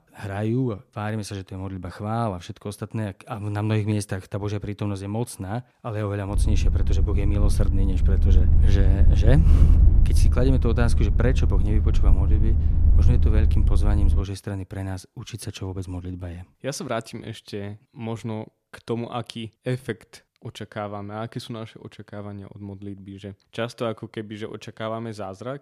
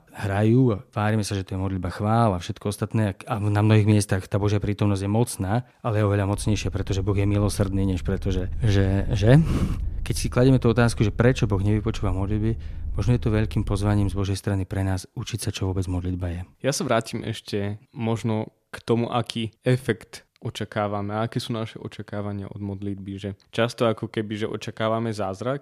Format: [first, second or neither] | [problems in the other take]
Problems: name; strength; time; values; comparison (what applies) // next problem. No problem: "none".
second | low rumble; loud; from 6.5 to 14 s; 5 dB below the speech; faint in the second